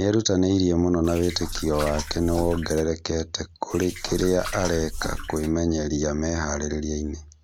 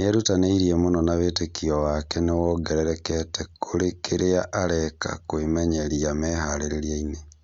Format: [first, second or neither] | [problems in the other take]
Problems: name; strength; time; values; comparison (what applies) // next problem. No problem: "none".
second | background sound (Liquid); 9 dB below the speech